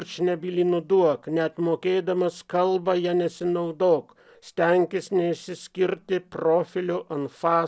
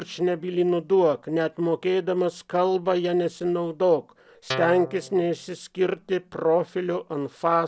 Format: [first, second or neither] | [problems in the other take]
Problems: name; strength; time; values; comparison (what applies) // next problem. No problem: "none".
first | background sound (Guitar); 10 dB below the speech